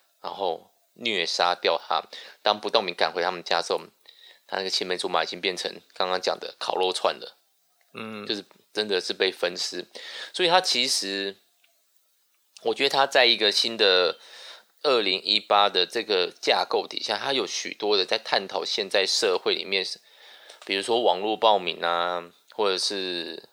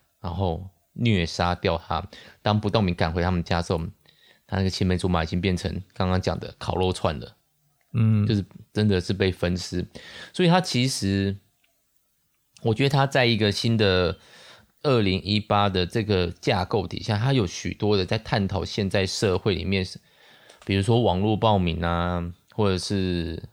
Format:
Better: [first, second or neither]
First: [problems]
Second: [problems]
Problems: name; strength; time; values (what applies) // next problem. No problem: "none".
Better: second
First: thin; very; fading below 400 Hz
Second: none